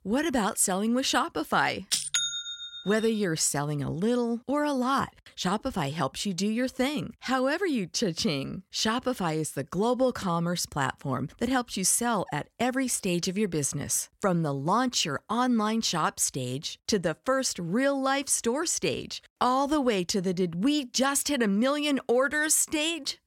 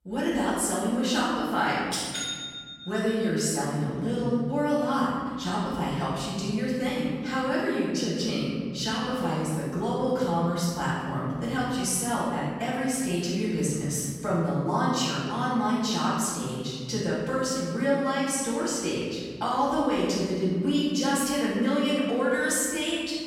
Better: first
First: none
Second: room echo; strong; dies away in 2.2 s // off-mic speech; far

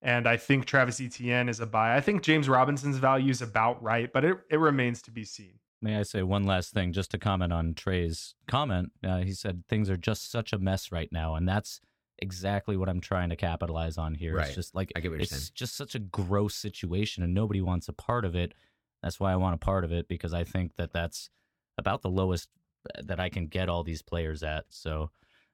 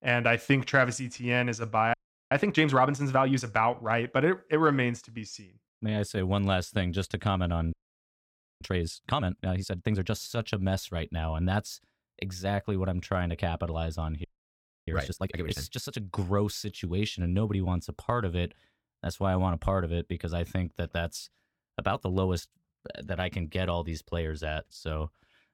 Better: first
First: none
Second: audio freezing; at 2 s, at 7.5 s for 1 s and at 14 s for 0.5 s

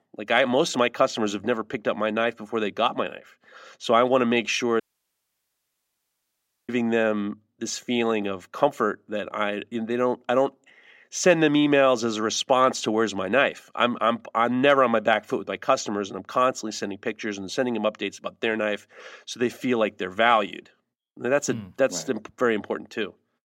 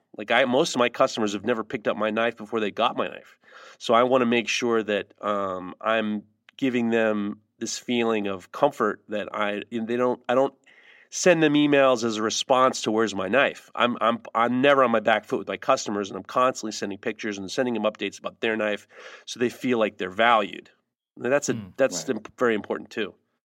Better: second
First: audio cutting out; at 5 s for 2 s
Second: none

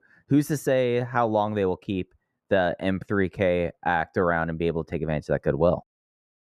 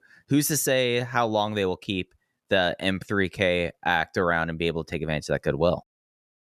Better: second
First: muffled; slightly; fading above 2 kHz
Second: none

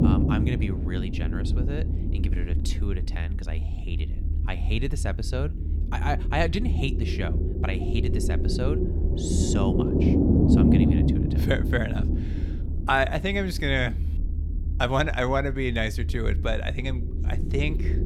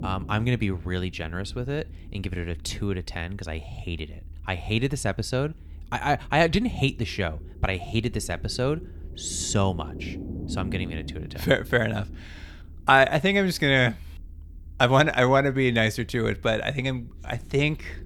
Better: second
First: low rumble; loud; throughout; 3 dB below the speech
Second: low rumble; faint; throughout; 25 dB below the speech

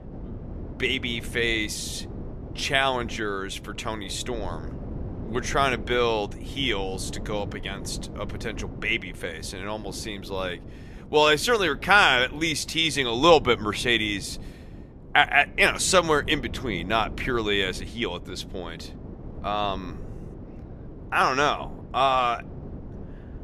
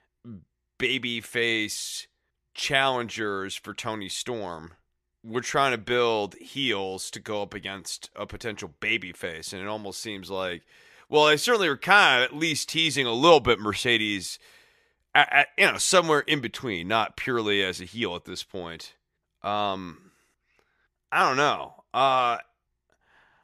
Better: second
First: wind noise on the microphone; occasional gusts; 25 dB below the speech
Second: none

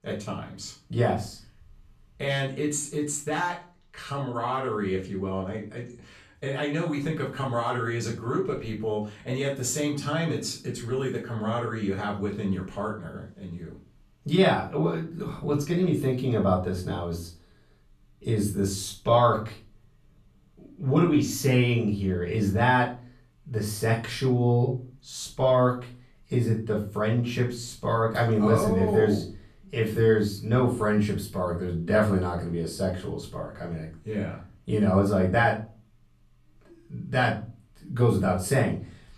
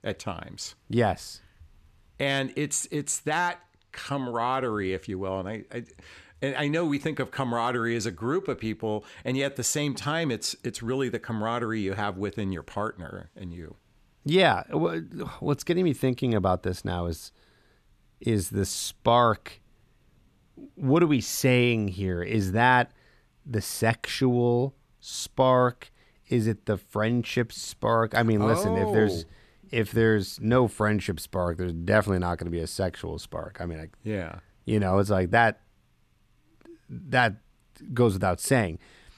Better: second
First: room echo; slight; dies away in 0.3 s // off-mic speech; far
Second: none

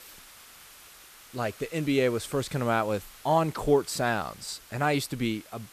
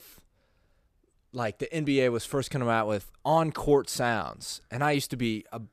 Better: second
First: hiss; faint; throughout; 20 dB below the speech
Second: none

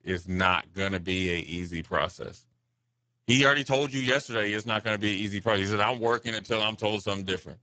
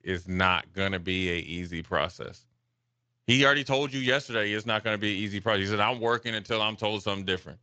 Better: second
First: garbled, watery; badly; nothing above 7.5 kHz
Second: garbled, watery; slightly; nothing above 7.5 kHz

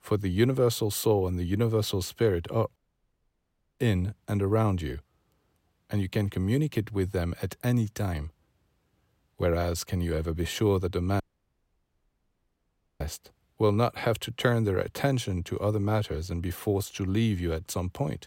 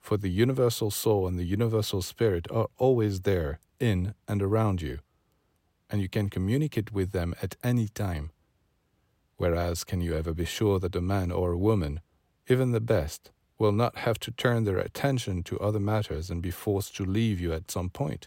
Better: second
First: audio cutting out; at 3 s for 1 s and at 11 s for 2 s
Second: none

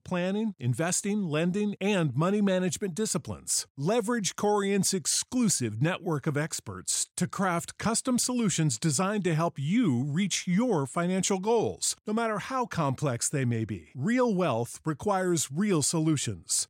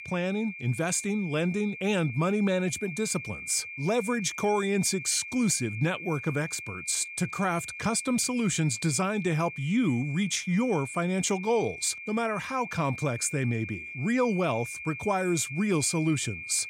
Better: first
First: none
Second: high-pitched whine; loud; throughout; 2.5 kHz, 10 dB below the speech

